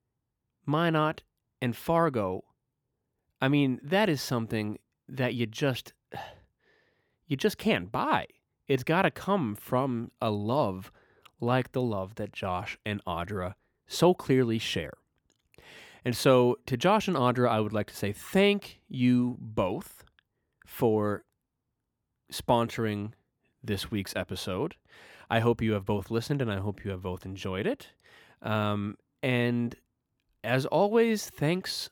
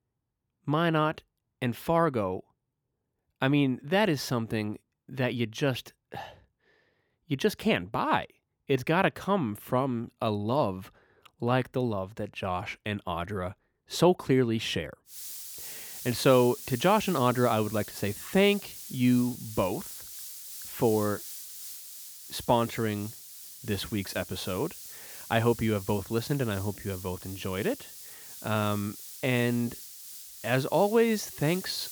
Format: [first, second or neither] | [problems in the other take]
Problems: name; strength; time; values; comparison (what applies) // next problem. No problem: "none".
first | hiss; noticeable; from 15 s on; 10 dB below the speech